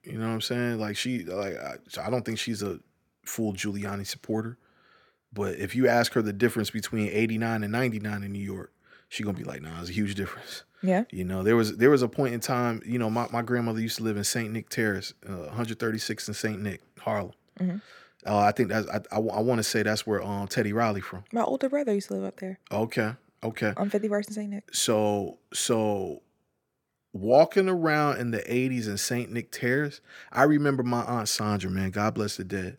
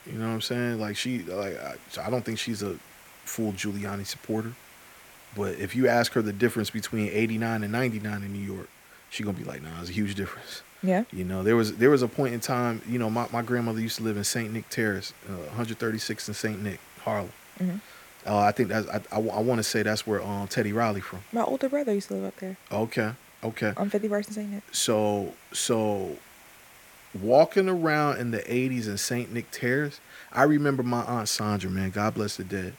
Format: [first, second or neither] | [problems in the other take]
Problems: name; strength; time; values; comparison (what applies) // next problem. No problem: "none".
first | hiss; faint; throughout; 20 dB below the speech